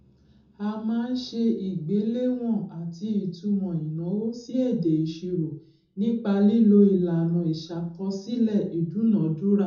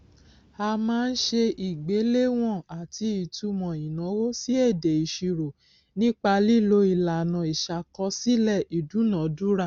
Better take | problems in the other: second | room echo; dies away in 0.5 s

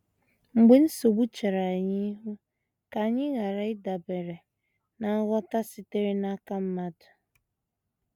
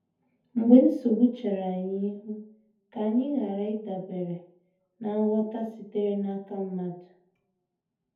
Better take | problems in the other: first | room echo; dies away in 0.5 s

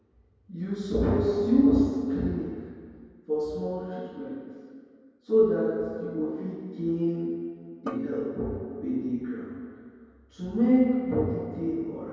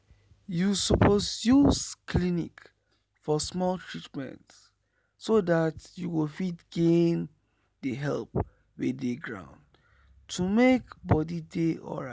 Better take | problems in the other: second | background sound (Drum); 17 dB below the speech // room echo; dies away in 2.2 s

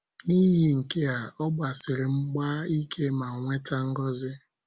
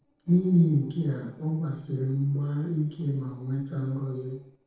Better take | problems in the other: first | noise reduction (neural separator model SepFormer DNS4)

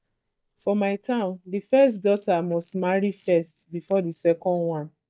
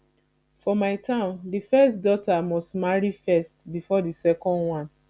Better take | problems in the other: second | noise reduction (neural mask model DeepFilterNet 3)

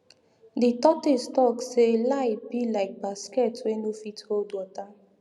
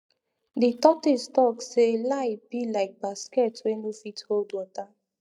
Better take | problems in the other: first | noise reduction (neural mask model DeepFilterNet 3)

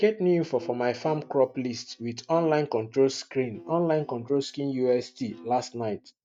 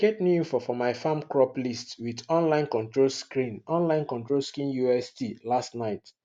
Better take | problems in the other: second | noise reduction (neural mask model DeepFilterNet 3)

